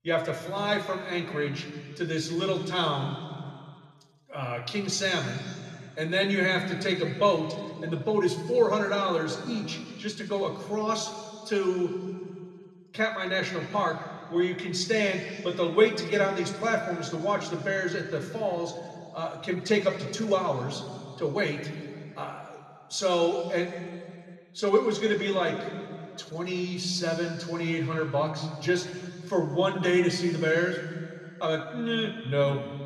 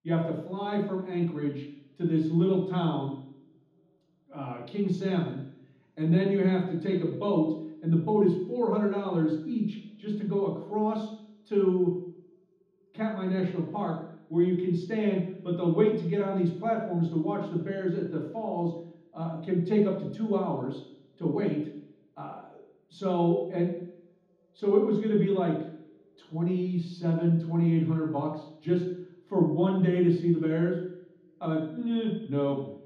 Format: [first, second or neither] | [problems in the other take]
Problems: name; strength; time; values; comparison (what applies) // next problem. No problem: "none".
first | room echo; strong; dies away in 0.9 s; slight in the first // off-mic speech; far; somewhat distant in the first